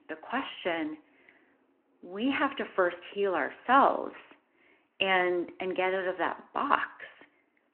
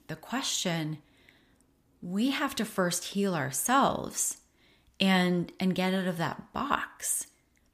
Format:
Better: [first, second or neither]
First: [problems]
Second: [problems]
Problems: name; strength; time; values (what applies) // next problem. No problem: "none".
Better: second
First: phone-call audio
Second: none